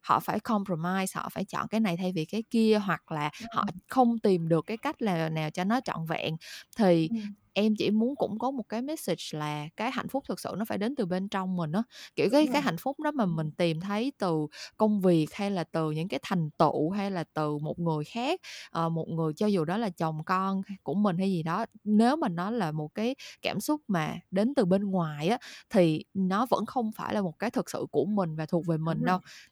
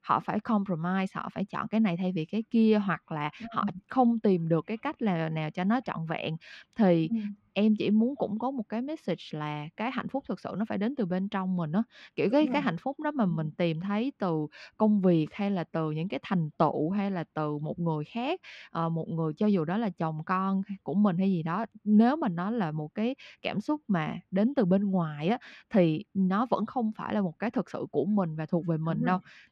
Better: first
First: none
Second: muffled; slightly; fading above 2.5 kHz

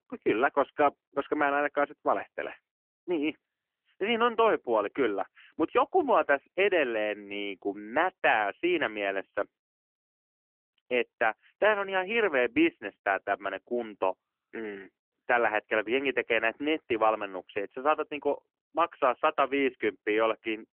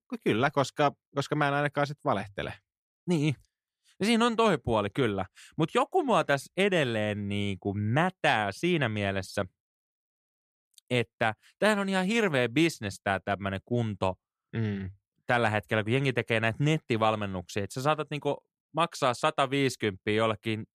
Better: second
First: phone-call audio; nothing above 3 kHz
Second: none

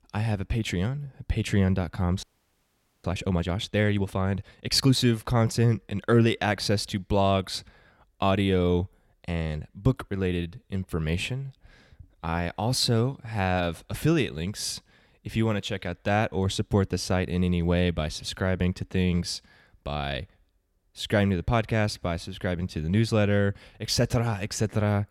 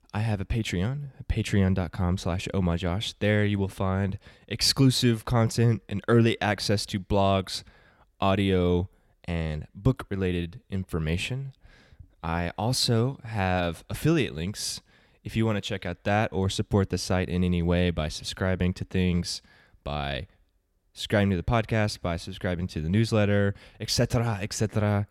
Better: second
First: audio freezing; at 2 s for 1 s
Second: none

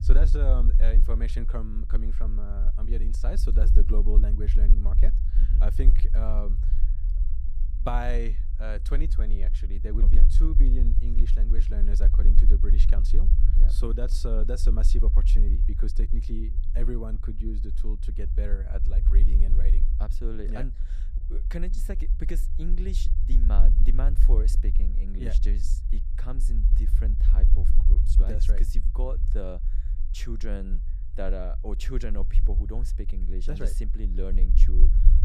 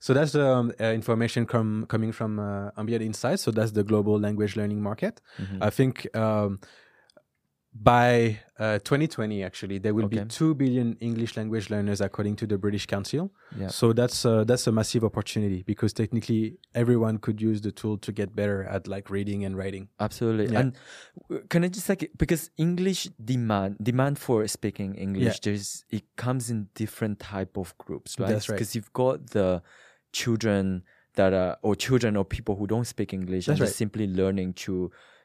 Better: second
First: low rumble; loud; throughout; 8 dB below the speech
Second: none

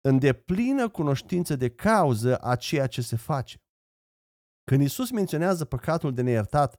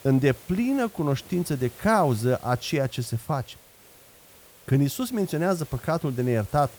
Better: first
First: none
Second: hiss; faint; throughout; 20 dB below the speech

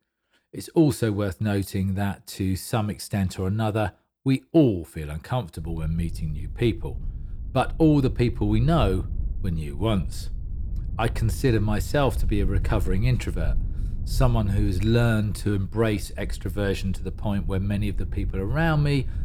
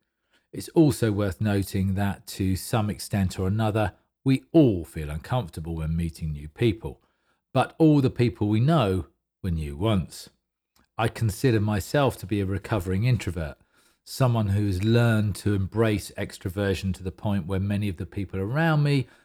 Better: second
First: wind noise on the microphone; occasional gusts; from 5.5 s on; 20 dB below the speech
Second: none

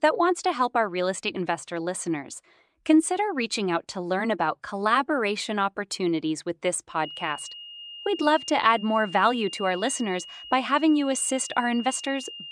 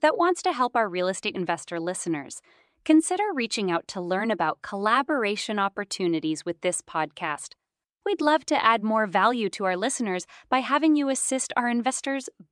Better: second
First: high-pitched whine; noticeable; from 7 s on; 3 kHz, 15 dB below the speech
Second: none

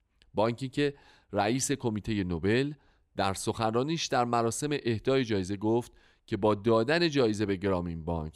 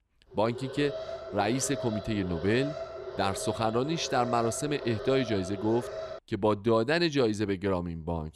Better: first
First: none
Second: alarm; noticeable; until 6 s; peak 8 dB below the speech

